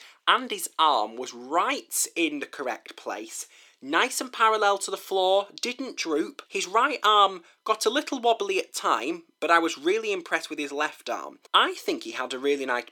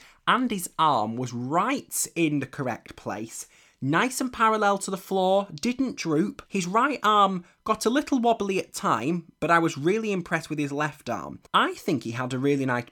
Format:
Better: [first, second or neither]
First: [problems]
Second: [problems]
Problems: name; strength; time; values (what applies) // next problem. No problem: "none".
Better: second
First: thin; somewhat; fading below 350 Hz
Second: none